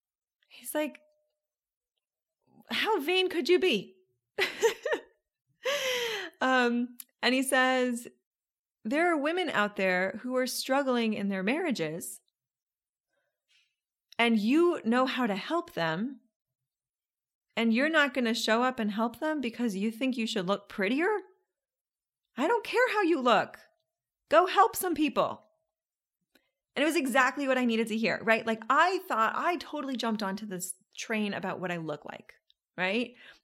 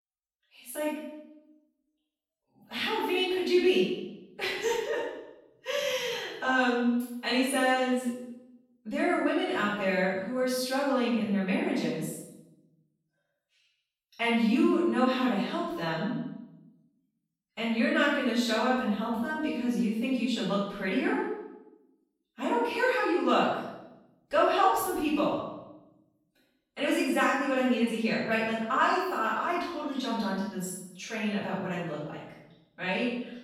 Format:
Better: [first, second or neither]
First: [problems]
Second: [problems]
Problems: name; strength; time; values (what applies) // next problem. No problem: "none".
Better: first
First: none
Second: off-mic speech; far // room echo; strong; dies away in 0.8 s